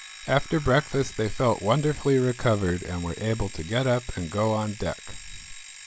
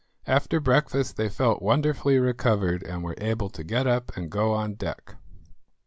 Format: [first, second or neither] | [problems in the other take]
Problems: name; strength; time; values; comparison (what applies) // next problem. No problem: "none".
second | background sound (Alarm); 17 dB below the speech